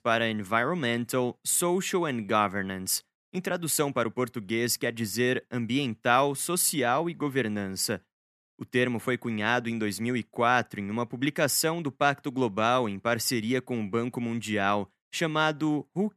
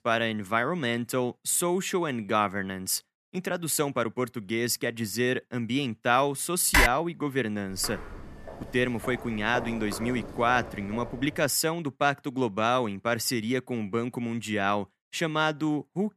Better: first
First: none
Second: keyboard typing; loud; at 6.5 s; peak 6 dB above the speech // footsteps; noticeable; from 7.5 to 11 s; peak 9 dB below the speech

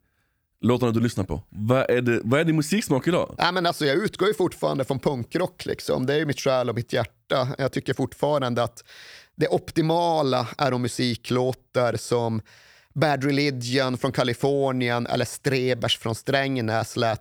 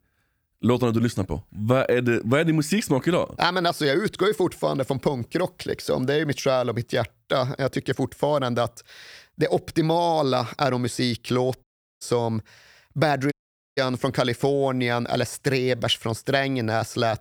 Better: first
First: none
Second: audio cutting out; at 12 s and at 13 s

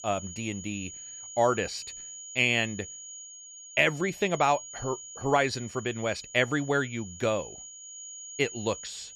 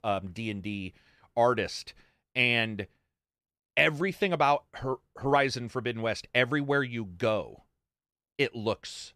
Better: second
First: high-pitched whine; noticeable; throughout; 7 kHz, 15 dB below the speech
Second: none

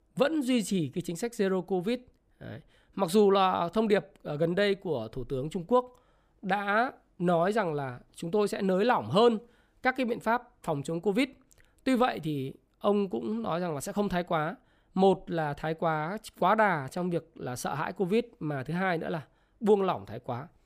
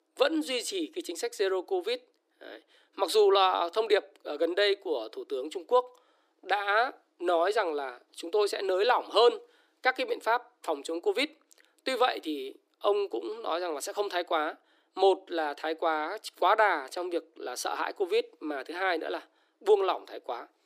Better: first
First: none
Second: thin; very; fading below 300 Hz

